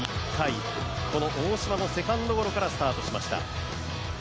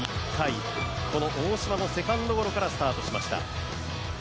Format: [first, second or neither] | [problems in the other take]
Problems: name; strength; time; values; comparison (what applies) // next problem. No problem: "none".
first | background sound (Bowed string instrument); 15 dB below the speech